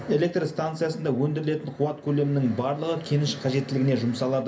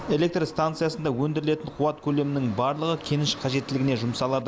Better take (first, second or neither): second